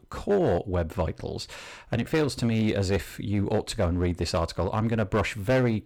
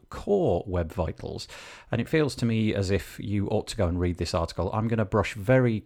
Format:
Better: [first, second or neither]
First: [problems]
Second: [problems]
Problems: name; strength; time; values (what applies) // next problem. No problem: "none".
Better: second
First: distortion; slight; 7% of the sound clipped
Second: none